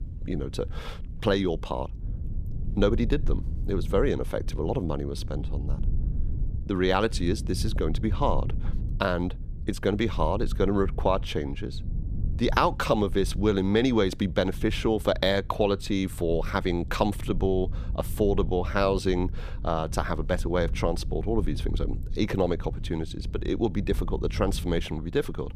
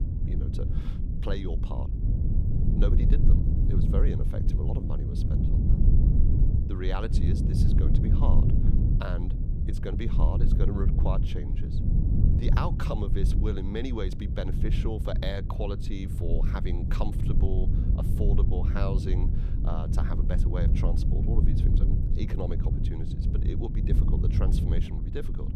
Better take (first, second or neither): first